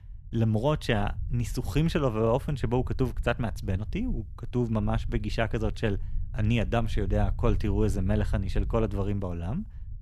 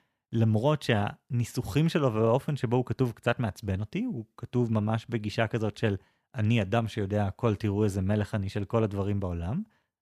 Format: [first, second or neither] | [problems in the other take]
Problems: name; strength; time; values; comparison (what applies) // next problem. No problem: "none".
second | low rumble; faint; throughout; 25 dB below the speech